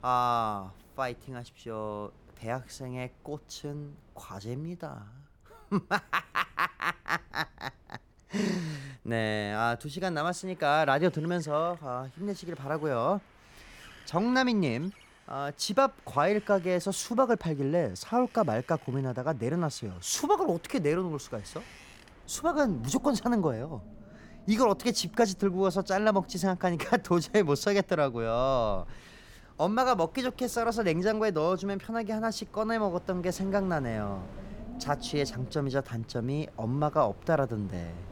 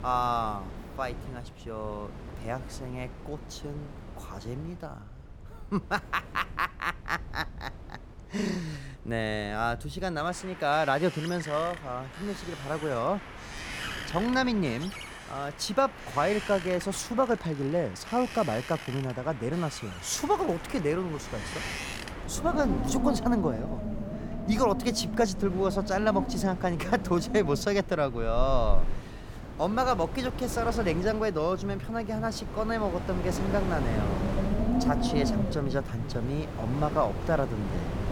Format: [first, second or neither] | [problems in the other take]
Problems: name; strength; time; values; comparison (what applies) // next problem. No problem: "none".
first | wind in the background; loud; throughout; 6 dB below the speech; faint in the first